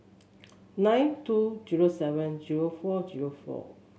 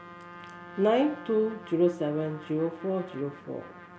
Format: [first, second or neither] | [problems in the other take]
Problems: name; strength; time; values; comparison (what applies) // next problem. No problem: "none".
first | background sound (Trumpet); 17 dB below the speech